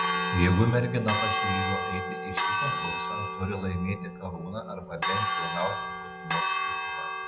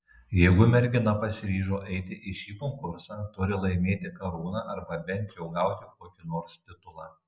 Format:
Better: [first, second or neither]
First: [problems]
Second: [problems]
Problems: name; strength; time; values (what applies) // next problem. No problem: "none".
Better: second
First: background sound (Church bell); as loud as the speech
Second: none